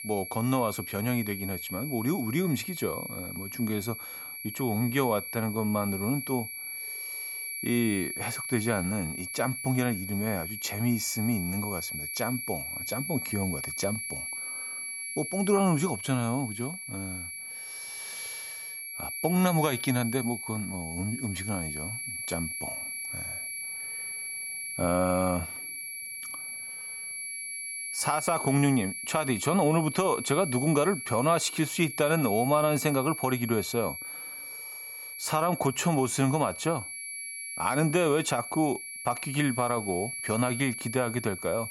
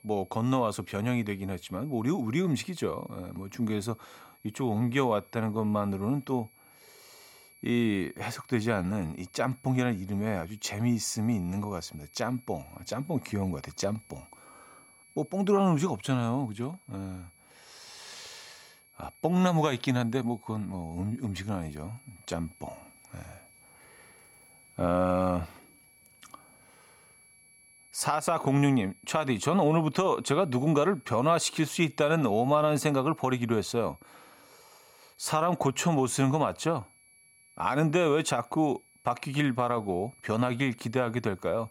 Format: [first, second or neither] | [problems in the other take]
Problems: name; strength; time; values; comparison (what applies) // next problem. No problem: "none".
second | high-pitched whine; loud; throughout; 2.5 kHz, 6 dB below the speech; faint in the second